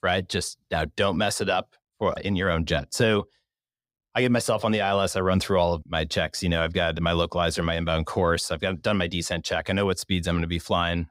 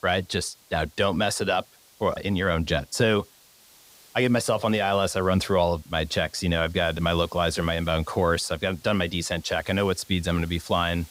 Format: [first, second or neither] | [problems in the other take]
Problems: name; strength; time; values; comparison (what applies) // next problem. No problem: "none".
first | hiss; faint; throughout; 25 dB below the speech